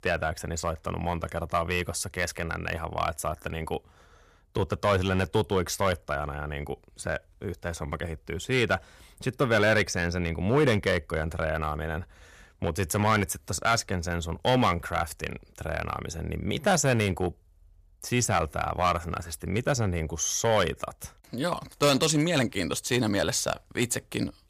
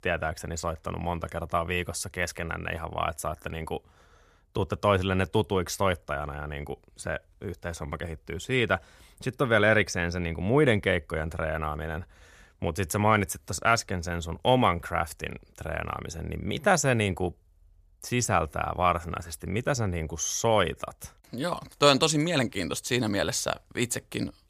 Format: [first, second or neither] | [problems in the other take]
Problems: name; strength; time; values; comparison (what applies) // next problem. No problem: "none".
second | distortion; slight; 2% of the sound clipped